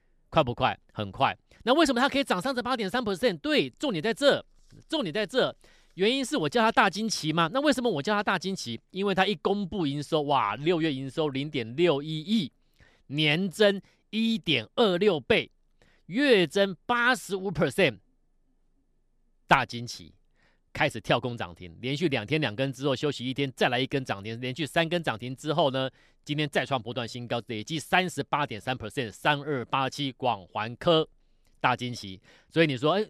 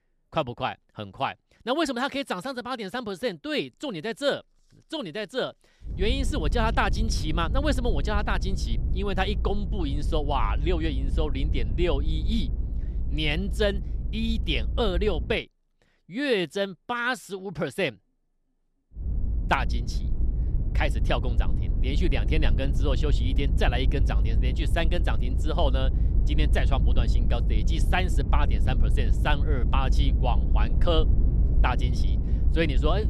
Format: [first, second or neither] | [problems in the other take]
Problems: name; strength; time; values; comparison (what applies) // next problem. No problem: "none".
first | low rumble; noticeable; from 6 to 15 s and from 19 s on; 15 dB below the speech